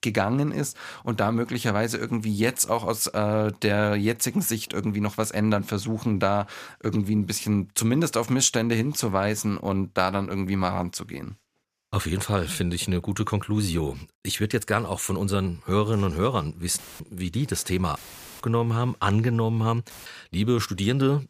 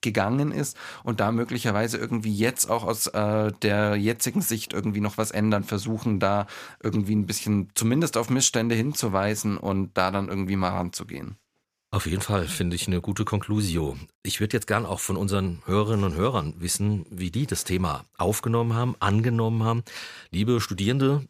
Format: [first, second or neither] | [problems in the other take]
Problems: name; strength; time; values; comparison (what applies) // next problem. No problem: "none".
second | audio cutting out; filled with static; at 17 s, at 18 s and at 20 s